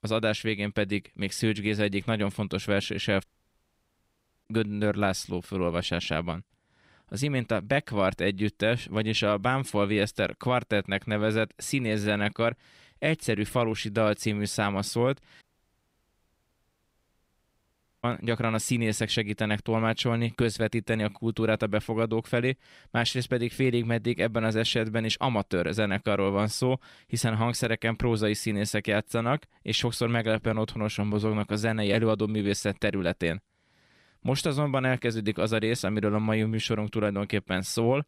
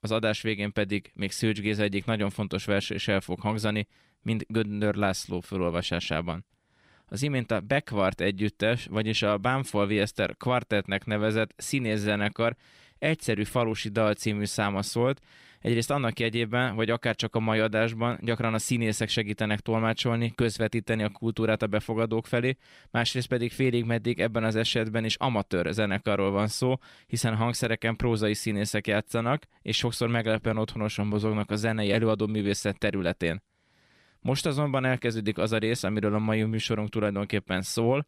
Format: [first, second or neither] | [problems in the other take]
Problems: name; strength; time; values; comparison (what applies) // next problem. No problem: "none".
second | audio cutting out; at 3 s for 1 s and at 15 s for 2.5 s